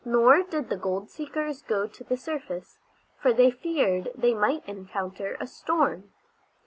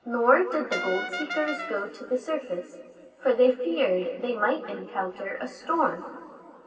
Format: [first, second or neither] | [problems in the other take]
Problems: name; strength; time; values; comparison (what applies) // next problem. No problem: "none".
first | background sound (Brass instrument); 6 dB below the speech // room echo; dies away in 2.4 s